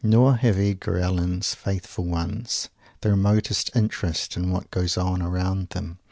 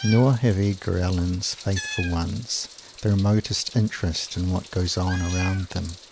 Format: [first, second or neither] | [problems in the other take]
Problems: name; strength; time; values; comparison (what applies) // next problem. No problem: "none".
first | background sound (Meow); 15 dB below the speech